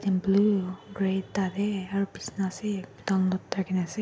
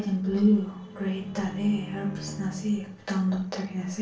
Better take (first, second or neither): first